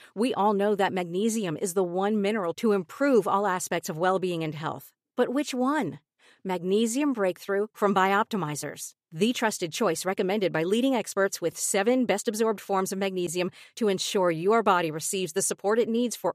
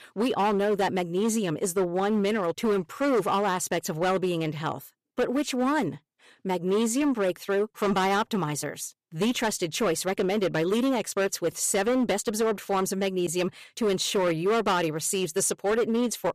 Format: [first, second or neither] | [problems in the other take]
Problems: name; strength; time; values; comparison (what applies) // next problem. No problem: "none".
first | distortion; slight; 12% of the sound clipped